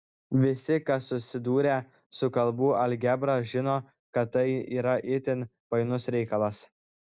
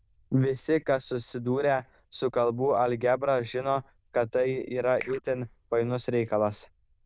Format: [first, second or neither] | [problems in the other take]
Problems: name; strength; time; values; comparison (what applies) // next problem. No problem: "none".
first | noise reduction (neural diffusion model UNIVERSE++)